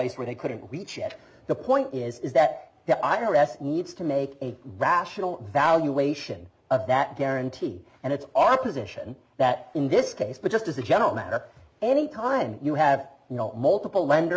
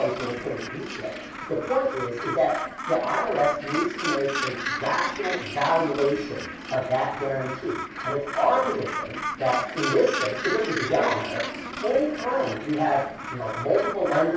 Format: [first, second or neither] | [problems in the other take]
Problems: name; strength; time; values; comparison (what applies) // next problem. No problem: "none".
first | background sound (Gull, seagull); 6 dB below the speech // room echo; dies away in 0.6 s